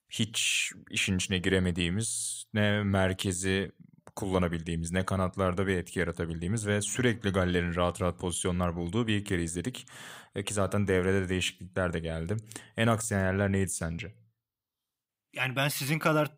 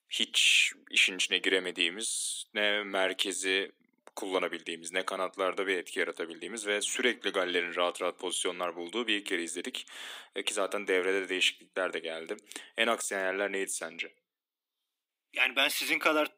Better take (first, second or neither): first